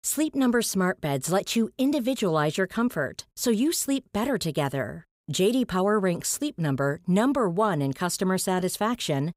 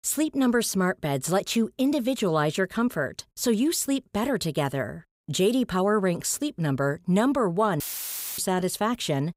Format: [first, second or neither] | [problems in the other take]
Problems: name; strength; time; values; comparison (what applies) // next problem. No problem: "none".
first | audio cutting out; filled with static; at 8 s for 0.5 s